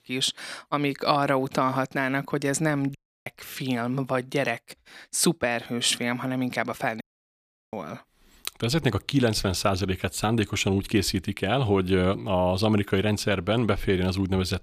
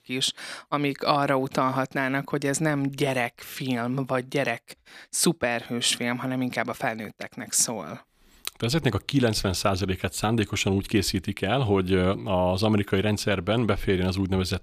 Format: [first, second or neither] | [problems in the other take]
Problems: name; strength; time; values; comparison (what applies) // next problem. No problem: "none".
second | audio cutting out; at 3 s and at 7 s for 0.5 s